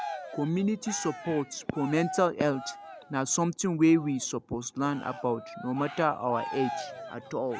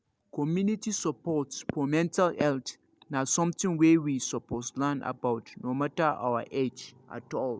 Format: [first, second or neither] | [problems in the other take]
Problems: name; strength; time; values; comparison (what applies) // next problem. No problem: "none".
second | background sound (Cheering); 12 dB below the speech